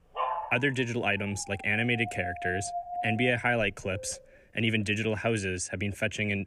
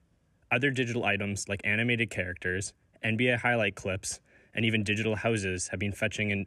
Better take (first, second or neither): second